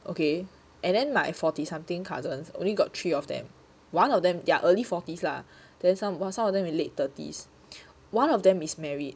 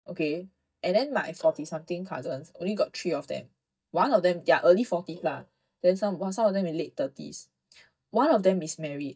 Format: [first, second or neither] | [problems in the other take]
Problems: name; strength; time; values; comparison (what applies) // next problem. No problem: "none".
first | noise reduction (neural mask model DeepFilterNet 3)